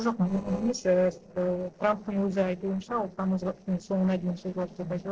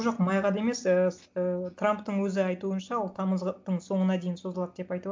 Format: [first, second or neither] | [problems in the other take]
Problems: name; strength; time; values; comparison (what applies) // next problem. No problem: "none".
second | noise reduction (neural separator model SepFormer DNS4)